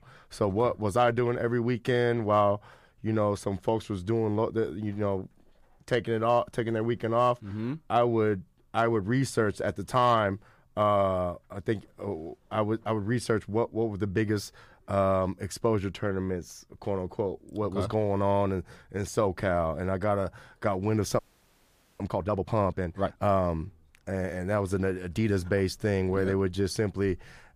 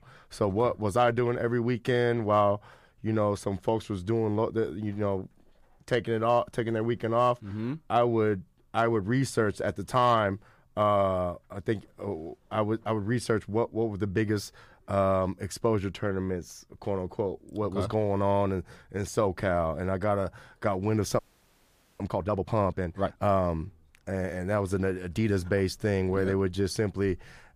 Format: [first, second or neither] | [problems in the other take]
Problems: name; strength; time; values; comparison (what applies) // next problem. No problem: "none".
neither | audio freezing; at 21 s for 1 s; the same in both